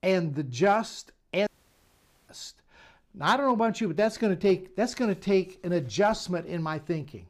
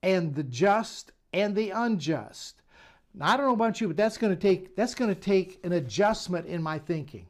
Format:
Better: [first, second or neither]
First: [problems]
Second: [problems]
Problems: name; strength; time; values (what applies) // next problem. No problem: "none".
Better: second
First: audio cutting out; at 1.5 s for 1 s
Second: none